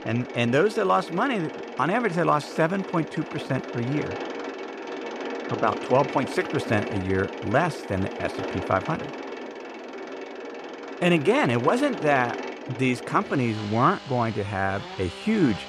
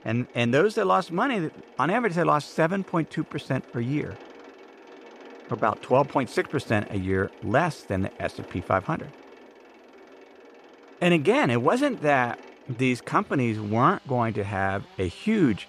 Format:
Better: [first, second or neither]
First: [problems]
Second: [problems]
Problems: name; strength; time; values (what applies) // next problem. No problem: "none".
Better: second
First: machinery noise; loud; throughout; 10 dB below the speech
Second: machinery noise; faint; throughout; 20 dB below the speech